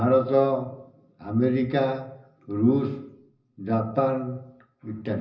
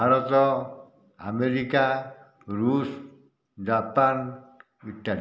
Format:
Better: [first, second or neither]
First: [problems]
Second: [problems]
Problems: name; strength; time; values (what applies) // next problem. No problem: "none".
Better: second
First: room echo; dies away in 0.4 s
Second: none